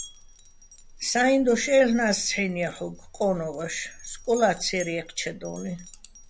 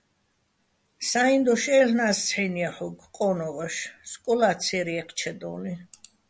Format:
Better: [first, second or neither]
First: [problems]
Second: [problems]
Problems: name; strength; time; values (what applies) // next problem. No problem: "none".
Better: second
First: background sound (Glass); 19 dB below the speech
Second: none